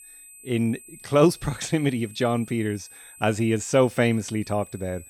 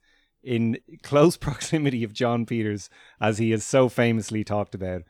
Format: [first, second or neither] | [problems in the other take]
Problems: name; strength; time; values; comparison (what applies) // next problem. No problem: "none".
second | high-pitched whine; noticeable; throughout; 8 kHz, 20 dB below the speech